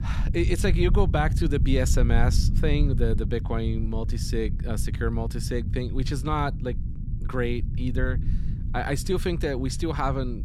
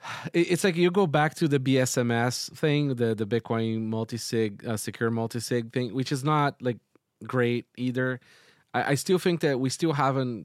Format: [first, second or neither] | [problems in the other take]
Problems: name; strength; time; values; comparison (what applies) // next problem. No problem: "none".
second | low rumble; noticeable; throughout; 15 dB below the speech